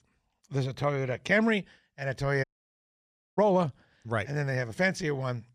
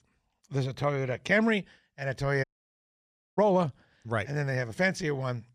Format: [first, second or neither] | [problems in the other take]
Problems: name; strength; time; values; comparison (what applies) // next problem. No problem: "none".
neither | audio cutting out; at 2.5 s for 1 s; the same in both